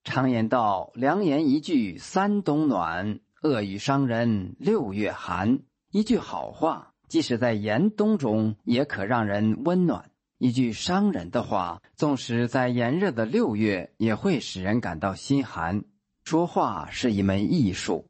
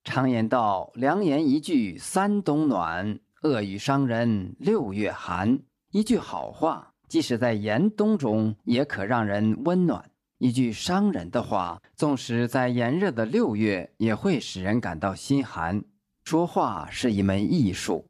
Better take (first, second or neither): second